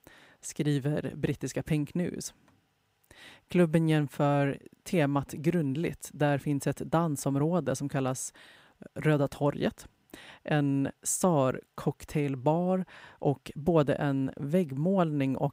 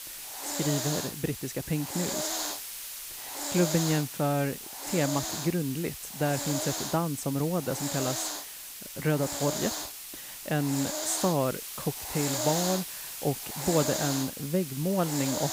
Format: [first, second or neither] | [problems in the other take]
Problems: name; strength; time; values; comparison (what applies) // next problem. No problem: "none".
first | hiss; loud; throughout; 3 dB below the speech